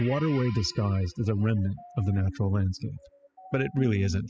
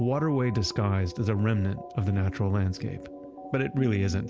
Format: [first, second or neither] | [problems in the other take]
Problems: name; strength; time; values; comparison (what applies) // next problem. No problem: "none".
second | noise reduction (classical method spectral subtraction)